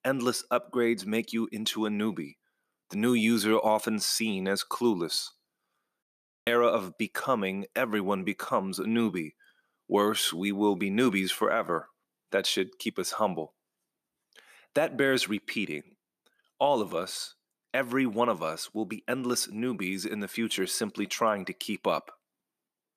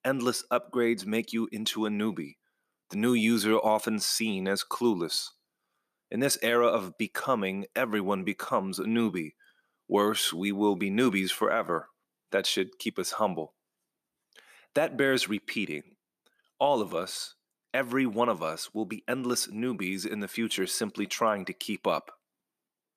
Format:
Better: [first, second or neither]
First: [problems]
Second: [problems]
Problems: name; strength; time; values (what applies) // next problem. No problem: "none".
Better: second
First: audio cutting out; at 6 s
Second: none